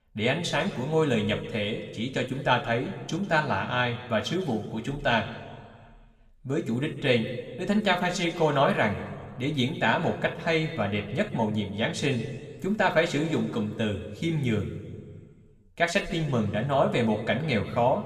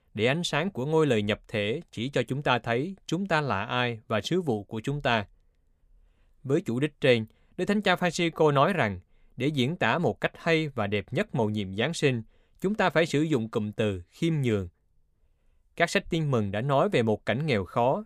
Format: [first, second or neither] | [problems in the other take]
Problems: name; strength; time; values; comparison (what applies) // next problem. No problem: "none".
second | room echo; slight; dies away in 1.5 s // off-mic speech; somewhat distant